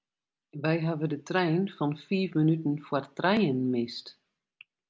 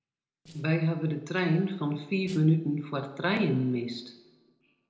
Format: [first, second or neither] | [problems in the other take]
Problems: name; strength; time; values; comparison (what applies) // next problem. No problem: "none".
first | noise reduction (neural separator model SepFormer DNS4)